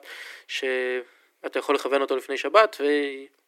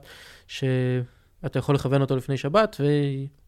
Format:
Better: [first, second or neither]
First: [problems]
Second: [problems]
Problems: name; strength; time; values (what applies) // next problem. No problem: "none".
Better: second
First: thin; somewhat; fading below 300 Hz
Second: none